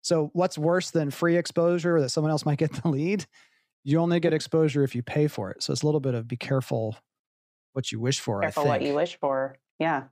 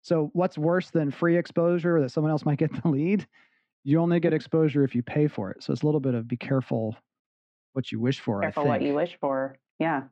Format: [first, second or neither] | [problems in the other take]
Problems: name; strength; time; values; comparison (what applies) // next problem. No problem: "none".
first | muffled; slightly; fading above 2.5 kHz